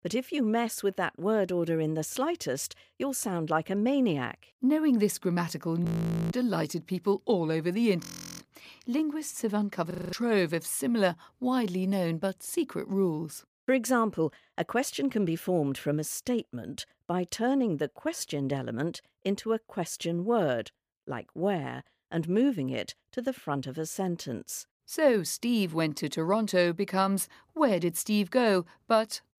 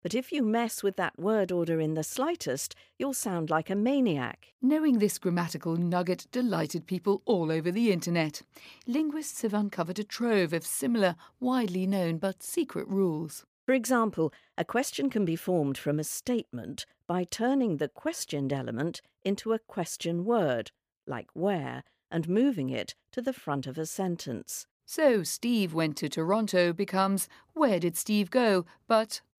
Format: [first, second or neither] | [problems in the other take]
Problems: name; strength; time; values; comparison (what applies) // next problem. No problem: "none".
second | audio freezing; at 6 s, at 8 s and at 10 s